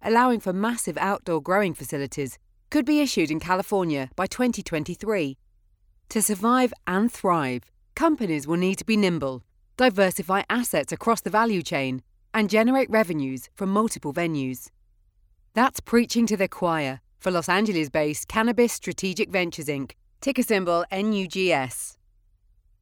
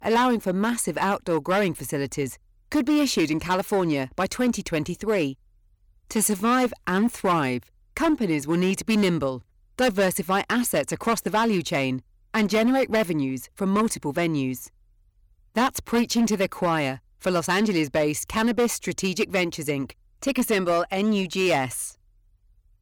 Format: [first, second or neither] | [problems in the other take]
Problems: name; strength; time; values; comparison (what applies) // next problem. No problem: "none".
first | distortion; slight; 7% of the sound clipped